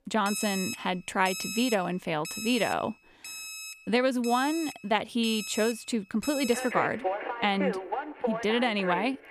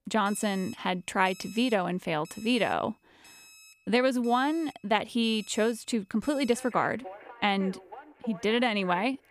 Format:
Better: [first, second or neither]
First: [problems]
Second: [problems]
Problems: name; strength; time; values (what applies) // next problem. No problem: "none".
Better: second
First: alarms or sirens; loud; throughout; 7 dB below the speech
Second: alarms or sirens; faint; throughout; 20 dB below the speech